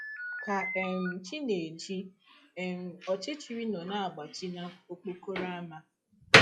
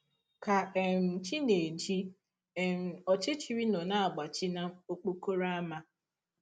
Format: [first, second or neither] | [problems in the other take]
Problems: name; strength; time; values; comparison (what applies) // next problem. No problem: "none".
second | noise reduction (classical method log-MMSE)